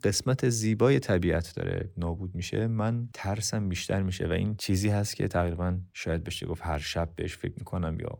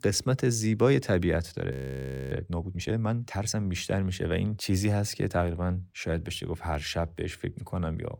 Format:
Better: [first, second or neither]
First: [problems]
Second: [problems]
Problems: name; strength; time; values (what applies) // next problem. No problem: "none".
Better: first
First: none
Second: audio freezing; at 1.5 s for 0.5 s